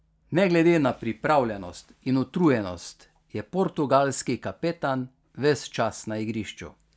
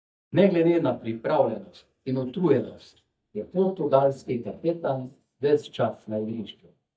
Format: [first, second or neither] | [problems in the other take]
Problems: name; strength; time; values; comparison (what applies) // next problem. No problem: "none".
first | noise reduction (neural mask model DeepFilterNet 3)